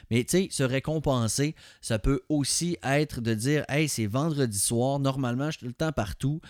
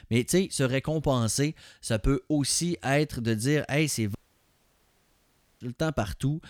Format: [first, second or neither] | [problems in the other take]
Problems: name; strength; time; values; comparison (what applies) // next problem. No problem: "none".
first | audio cutting out; at 4 s for 1.5 s